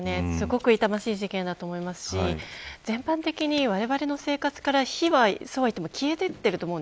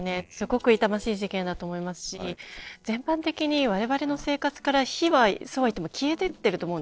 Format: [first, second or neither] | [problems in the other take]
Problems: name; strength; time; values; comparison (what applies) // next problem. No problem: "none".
first | noise reduction (neural separator model SepFormer DNS4)